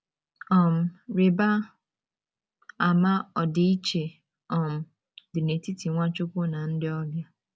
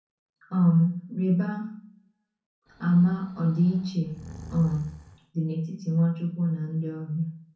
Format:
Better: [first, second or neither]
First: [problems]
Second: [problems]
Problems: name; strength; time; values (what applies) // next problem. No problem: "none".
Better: first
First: none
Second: background sound (Breathing); 19 dB below the speech // room echo; dies away in 0.6 s